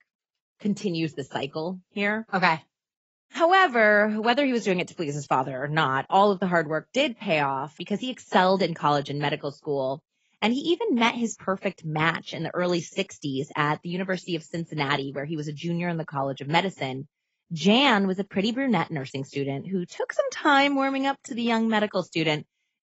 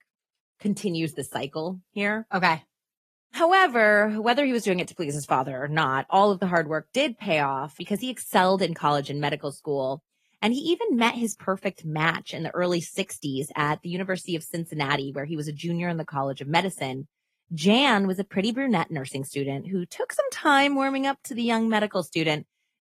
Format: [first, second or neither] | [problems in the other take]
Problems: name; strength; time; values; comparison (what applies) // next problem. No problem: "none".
second | garbled, watery; badly; nothing above 8 kHz; slightly in the second